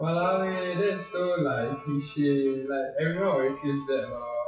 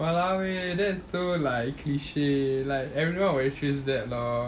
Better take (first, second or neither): second